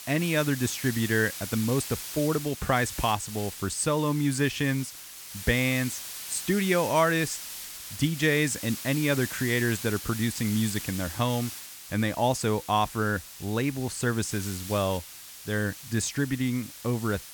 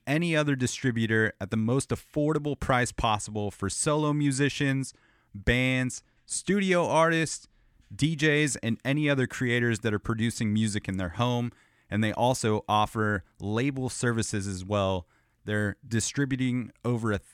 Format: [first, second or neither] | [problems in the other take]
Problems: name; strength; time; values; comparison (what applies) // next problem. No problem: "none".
second | hiss; loud; throughout; 10 dB below the speech